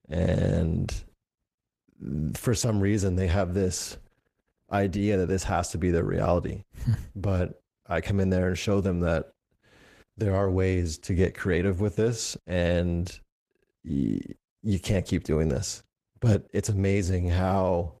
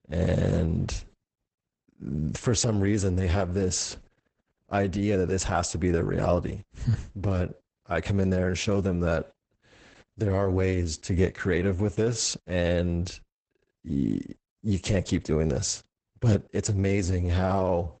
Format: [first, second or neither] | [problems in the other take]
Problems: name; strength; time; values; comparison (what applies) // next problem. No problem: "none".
first | garbled, watery; badly; nothing above 8 kHz; slightly in the first